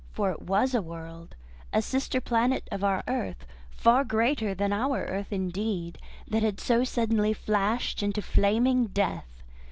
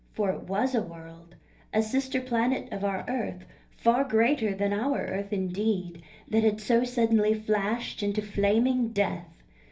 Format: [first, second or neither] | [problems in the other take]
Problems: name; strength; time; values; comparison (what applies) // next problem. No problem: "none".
first | room echo; dies away in 0.3 s